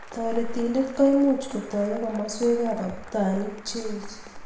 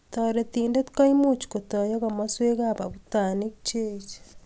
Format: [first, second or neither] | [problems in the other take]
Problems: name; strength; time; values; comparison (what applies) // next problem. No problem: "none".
second | background sound (Applause); 20 dB below the speech // room echo; dies away in 0.8 s